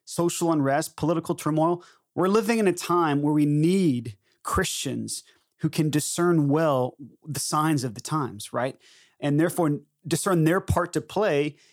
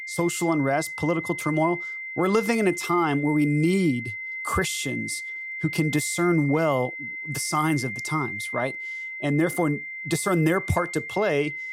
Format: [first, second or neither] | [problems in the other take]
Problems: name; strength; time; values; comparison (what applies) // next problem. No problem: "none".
first | high-pitched whine; loud; throughout; 2 kHz, 7 dB below the speech